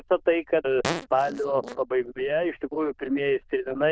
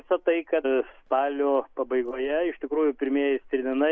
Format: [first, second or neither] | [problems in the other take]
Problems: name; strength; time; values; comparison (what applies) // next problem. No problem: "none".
second | noise reduction (neural diffusion model UNIVERSE++)